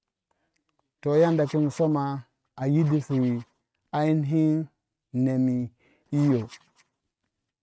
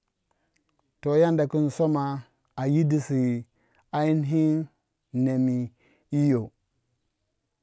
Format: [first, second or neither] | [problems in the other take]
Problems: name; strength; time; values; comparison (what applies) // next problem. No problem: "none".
second | noise reduction (neural mask model RNNoise)